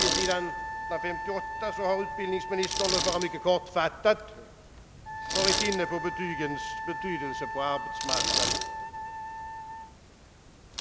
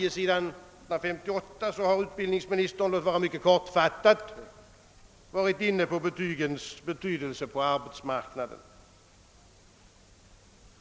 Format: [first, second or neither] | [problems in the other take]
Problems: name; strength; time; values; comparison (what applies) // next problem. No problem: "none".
second | background sound (Bicycle + Wind instrument, woodwind instrument); 1 dB below the speech